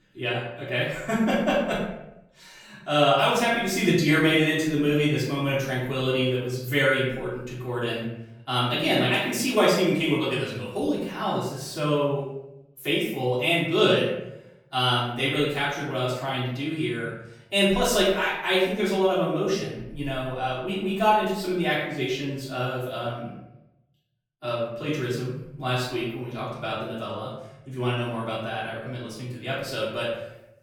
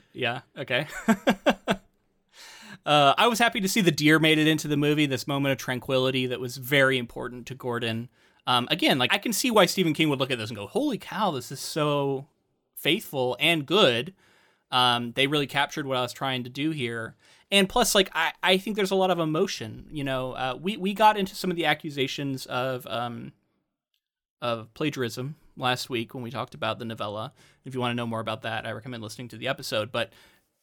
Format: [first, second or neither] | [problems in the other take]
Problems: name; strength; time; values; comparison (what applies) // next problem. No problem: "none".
second | off-mic speech; far // room echo; noticeable; dies away in 0.8 s